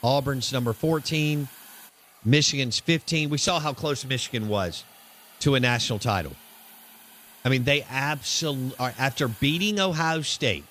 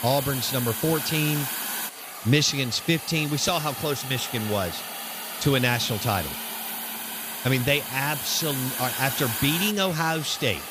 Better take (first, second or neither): first